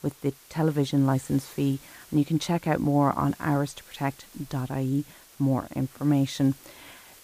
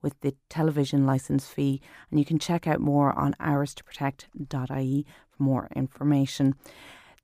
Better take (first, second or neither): second